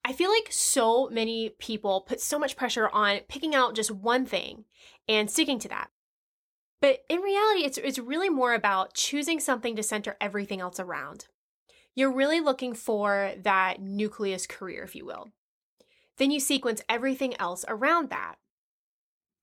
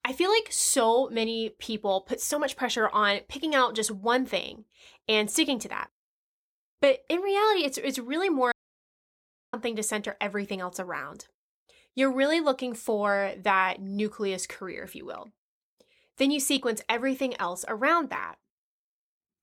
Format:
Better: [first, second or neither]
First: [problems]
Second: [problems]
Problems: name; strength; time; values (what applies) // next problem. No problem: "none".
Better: first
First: none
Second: audio cutting out; at 8.5 s for 1 s